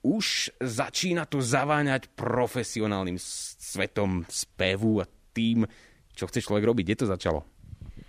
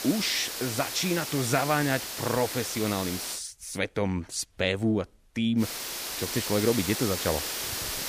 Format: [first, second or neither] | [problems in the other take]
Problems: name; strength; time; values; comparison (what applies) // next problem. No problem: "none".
first | hiss; loud; until 3.5 s and from 5.5 s on; 4 dB below the speech